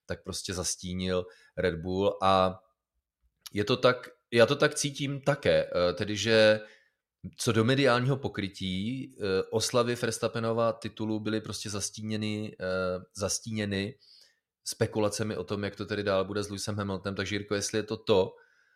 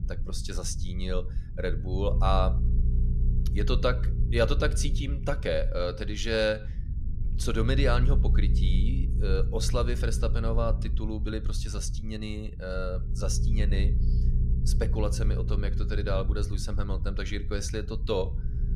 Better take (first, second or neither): first